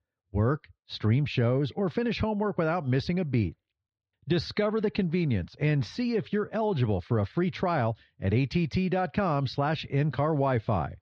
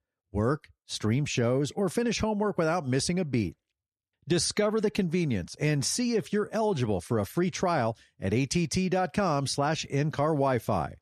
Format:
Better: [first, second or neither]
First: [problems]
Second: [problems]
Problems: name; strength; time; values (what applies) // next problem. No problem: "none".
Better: second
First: muffled; slightly; fading above 4 kHz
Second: none